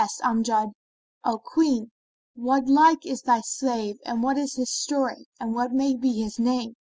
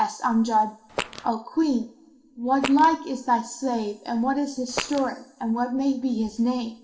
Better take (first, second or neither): first